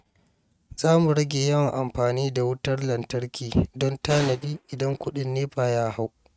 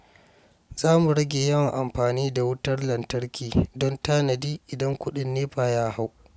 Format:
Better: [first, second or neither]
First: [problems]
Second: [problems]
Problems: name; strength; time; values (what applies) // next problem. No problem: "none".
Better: second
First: noise reduction (neural mask model RNNoise)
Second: none